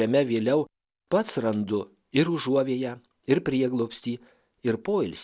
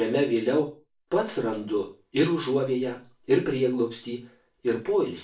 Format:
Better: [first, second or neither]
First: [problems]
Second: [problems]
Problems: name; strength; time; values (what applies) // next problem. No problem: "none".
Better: first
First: none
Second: room echo; dies away in 0.3 s